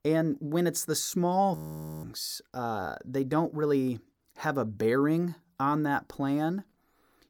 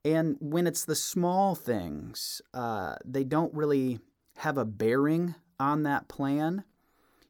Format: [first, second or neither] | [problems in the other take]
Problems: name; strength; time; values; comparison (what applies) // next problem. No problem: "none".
second | audio freezing; at 1.5 s